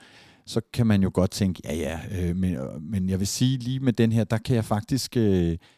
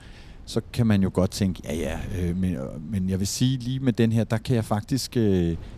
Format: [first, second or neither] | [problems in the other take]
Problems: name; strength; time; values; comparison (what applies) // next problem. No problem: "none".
first | wind noise on the microphone; occasional gusts; 25 dB below the speech